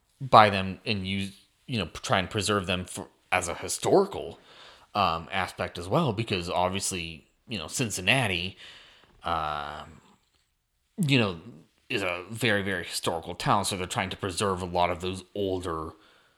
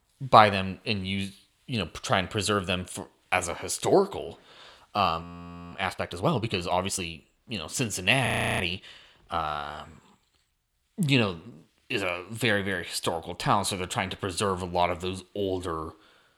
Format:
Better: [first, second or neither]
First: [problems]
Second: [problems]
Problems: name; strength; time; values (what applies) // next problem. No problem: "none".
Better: first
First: none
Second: audio freezing; at 5 s and at 8.5 s